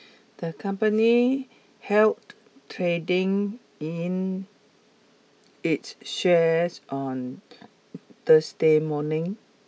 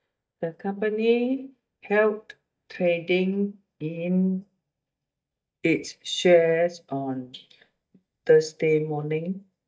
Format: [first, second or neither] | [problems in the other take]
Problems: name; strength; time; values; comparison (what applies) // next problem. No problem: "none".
first | noise reduction (neural mask model DeepFilterNet 3)